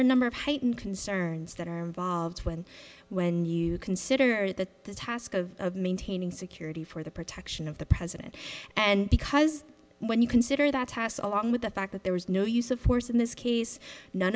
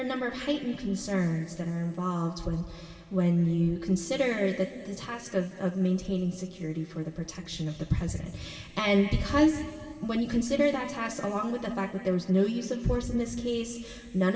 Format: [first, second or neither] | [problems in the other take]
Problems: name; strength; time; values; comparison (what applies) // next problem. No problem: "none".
first | room echo; dies away in 2.4 s